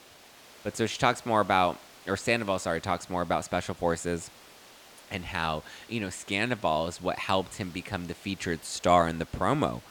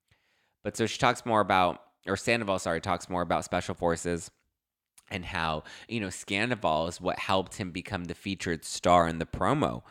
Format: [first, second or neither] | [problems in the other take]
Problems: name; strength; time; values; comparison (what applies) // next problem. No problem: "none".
second | hiss; faint; throughout; 20 dB below the speech